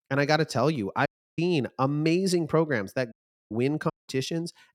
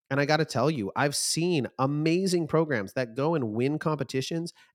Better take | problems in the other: second | audio cutting out; at 1 s, at 3 s and at 4 s

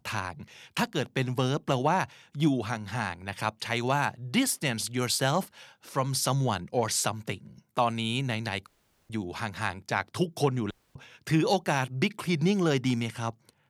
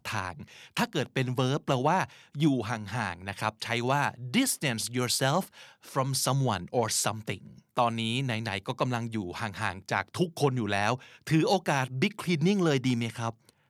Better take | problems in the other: second | audio cutting out; at 8.5 s and at 11 s

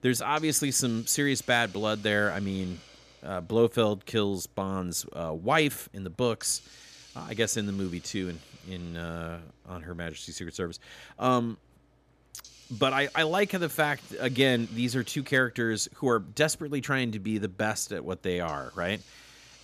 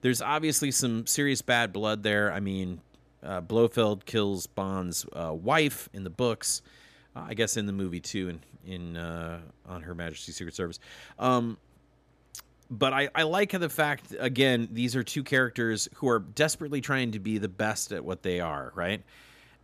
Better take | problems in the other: second | hiss; faint; throughout; 25 dB below the speech

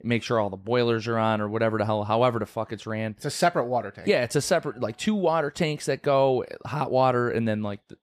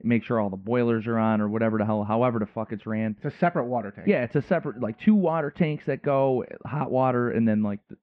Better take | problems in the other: first | muffled; very; fading above 2.5 kHz

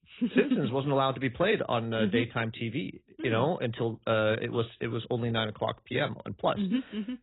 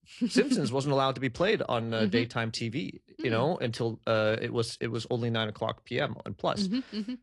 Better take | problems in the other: second | garbled, watery; badly; nothing above 4 kHz; slightly in the second

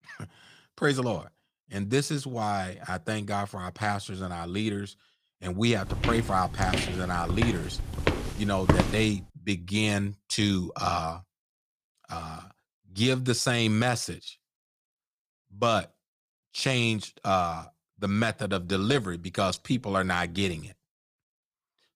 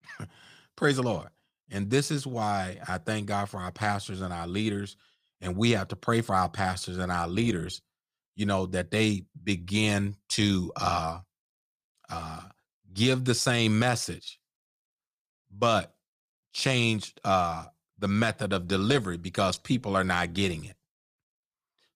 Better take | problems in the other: second | footsteps; loud; from 6 to 9 s; peak 3 dB above the speech

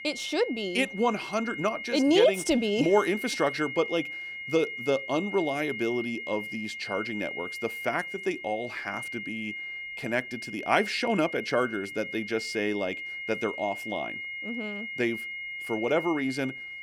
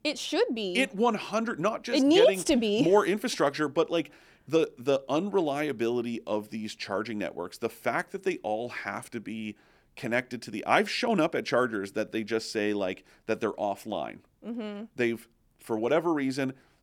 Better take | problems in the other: second | high-pitched whine; loud; throughout; 2 kHz, 7 dB below the speech

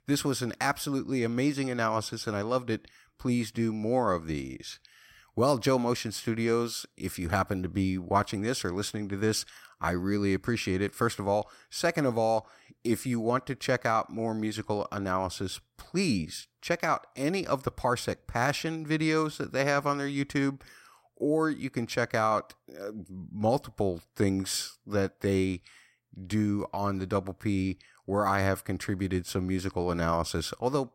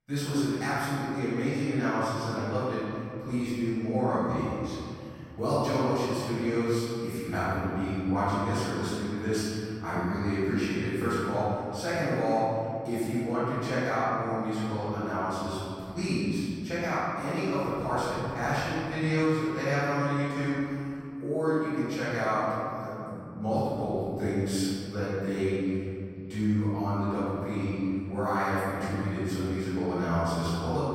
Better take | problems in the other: first | off-mic speech; far // room echo; strong; dies away in 2.6 s

